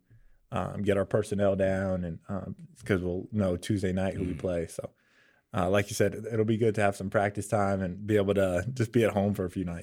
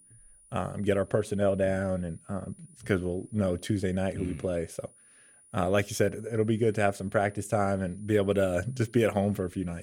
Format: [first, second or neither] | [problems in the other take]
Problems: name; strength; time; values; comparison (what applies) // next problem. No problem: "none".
first | high-pitched whine; faint; throughout; 9.5 kHz, 25 dB below the speech